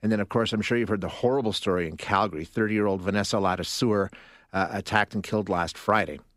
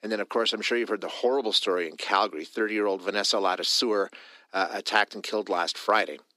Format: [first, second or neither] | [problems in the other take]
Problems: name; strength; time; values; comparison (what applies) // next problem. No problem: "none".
first | thin; somewhat; fading below 300 Hz